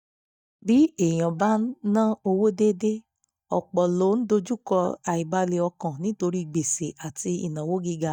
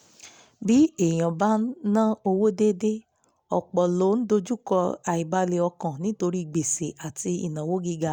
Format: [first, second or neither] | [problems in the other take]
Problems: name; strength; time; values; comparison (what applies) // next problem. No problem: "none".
second | noise reduction (neural mask model DeepFilterNet 3)